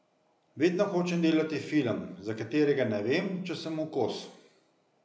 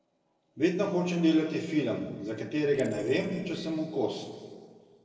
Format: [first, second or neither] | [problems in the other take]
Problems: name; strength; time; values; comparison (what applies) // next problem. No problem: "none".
first | noise reduction (neural separator model SepFormer DNS4)